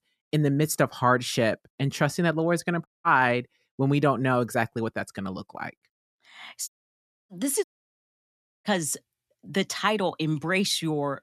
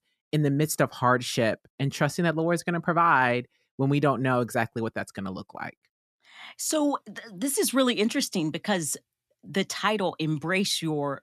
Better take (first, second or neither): second